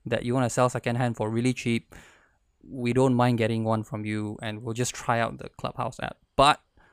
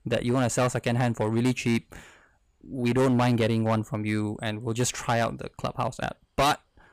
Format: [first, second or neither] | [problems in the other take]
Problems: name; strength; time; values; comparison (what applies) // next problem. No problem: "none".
first | distortion; heavy; 8% of the sound clipped